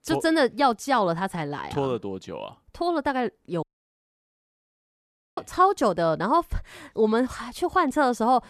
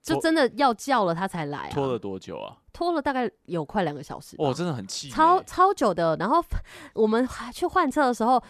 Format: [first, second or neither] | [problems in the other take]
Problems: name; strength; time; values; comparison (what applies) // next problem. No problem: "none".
second | audio cutting out; at 3.5 s for 1.5 s